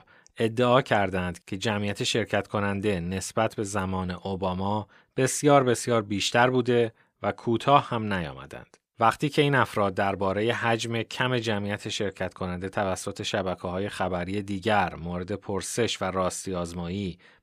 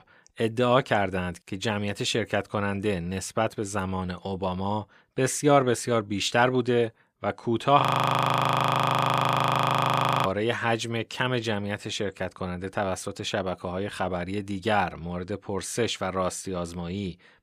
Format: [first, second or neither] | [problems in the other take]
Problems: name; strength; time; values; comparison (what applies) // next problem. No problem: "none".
first | audio freezing; at 8 s for 2.5 s